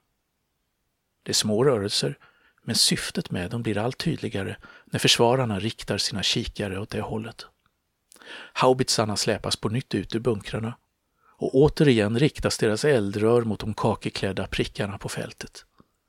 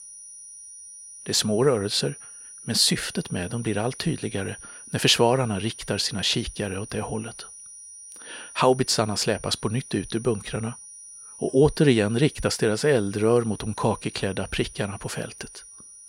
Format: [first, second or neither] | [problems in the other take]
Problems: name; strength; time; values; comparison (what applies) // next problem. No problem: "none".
first | high-pitched whine; noticeable; throughout; 9.5 kHz, 15 dB below the speech